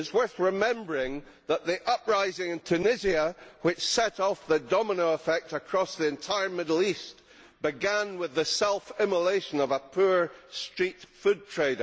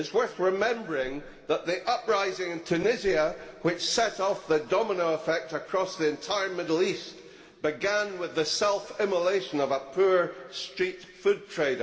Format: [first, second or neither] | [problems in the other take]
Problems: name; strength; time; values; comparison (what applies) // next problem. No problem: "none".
first | room echo; dies away in 1.7 s